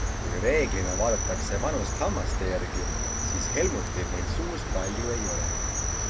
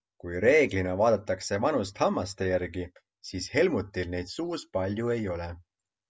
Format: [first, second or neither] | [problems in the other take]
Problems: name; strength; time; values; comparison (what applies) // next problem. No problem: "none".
second | background sound (Cricket); 3 dB above the speech